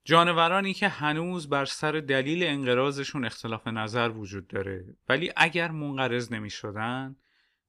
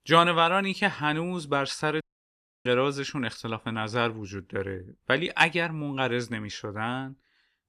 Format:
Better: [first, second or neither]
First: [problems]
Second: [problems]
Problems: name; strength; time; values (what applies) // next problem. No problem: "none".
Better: first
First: none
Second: audio cutting out; at 2 s for 0.5 s